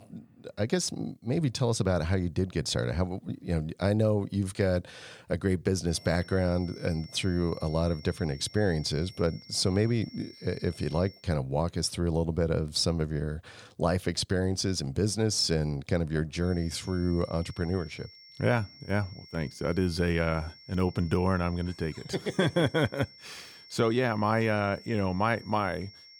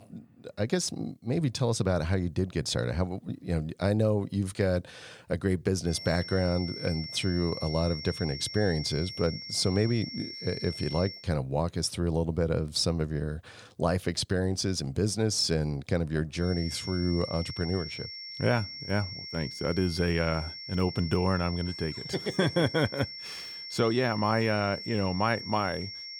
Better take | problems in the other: first | high-pitched whine; loud; from 6 to 11 s and from 16 s on; 5.5 kHz, 9 dB below the speech; faint in the first

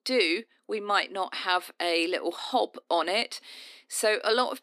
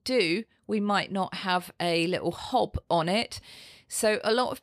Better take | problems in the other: second | thin; somewhat; fading below 250 Hz

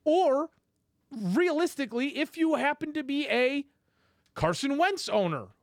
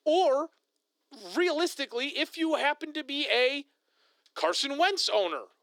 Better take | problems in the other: first | thin; somewhat; fading below 350 Hz

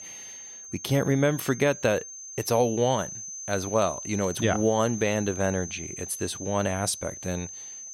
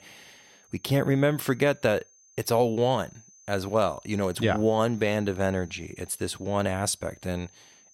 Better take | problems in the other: second | high-pitched whine; loud; throughout; 6.5 kHz, 10 dB below the speech; faint in the second

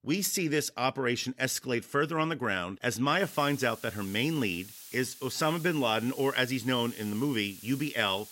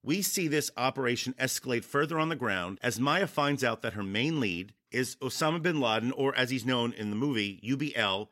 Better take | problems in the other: second | hiss; noticeable; from 3 s on; 15 dB below the speech

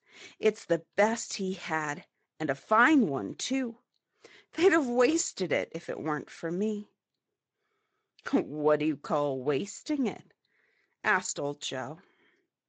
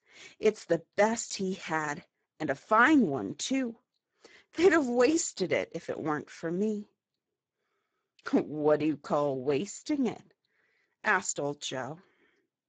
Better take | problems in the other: first | garbled, watery; badly; nothing above 7.5 kHz; slightly in the first

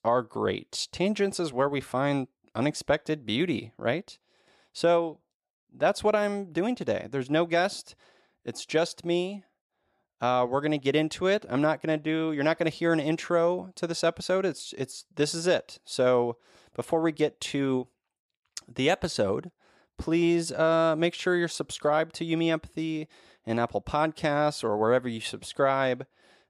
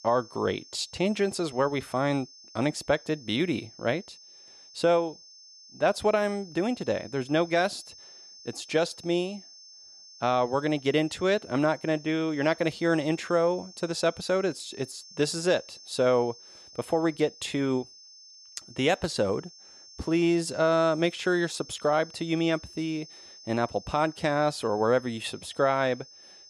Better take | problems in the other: first | high-pitched whine; noticeable; throughout; 5.5 kHz, 20 dB below the speech

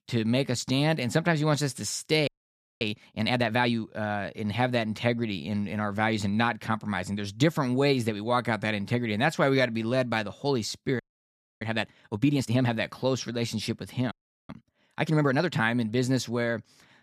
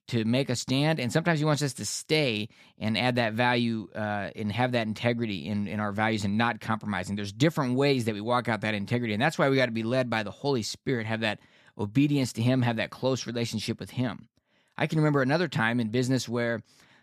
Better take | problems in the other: second | audio freezing; at 2.5 s for 0.5 s, at 11 s for 0.5 s and at 14 s

